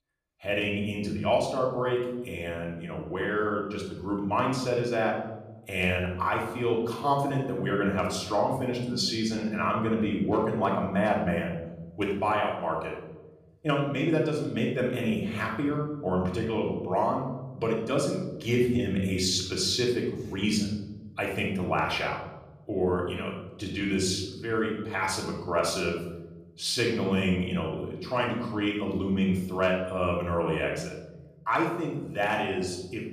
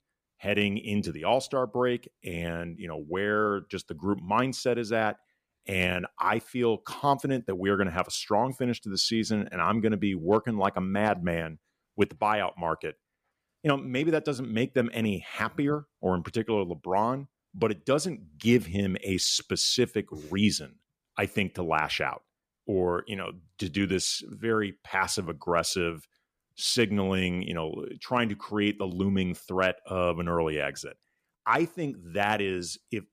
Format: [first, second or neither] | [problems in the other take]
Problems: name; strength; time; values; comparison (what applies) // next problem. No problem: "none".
second | off-mic speech; far // room echo; noticeable; dies away in 1 s